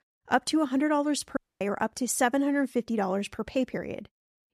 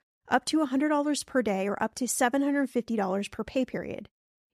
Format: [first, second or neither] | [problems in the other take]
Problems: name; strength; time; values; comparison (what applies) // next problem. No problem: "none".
second | audio cutting out; at 1.5 s